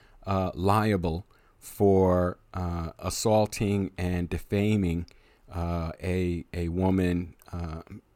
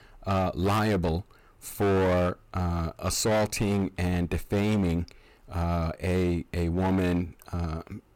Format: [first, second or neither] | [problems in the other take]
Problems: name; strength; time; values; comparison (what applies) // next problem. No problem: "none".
first | distortion; heavy; 14% of the sound clipped